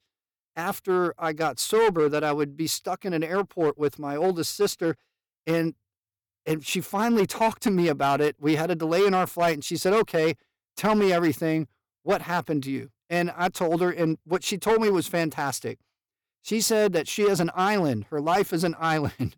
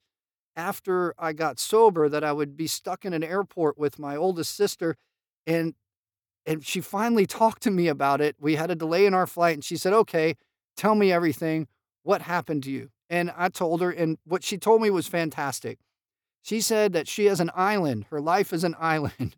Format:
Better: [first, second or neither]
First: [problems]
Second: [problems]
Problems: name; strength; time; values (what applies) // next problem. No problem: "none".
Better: second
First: distortion; slight; 6% of the sound clipped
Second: none